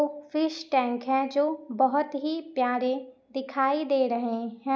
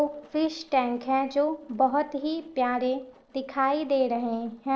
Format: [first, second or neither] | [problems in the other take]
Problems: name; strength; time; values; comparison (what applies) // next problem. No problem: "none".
first | noise reduction (neural separator model SepFormer DNS4)